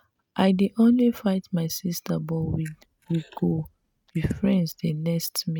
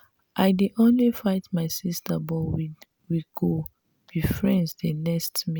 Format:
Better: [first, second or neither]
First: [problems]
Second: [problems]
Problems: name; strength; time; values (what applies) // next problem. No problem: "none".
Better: second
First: noise reduction (neural mask model RNNoise)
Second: none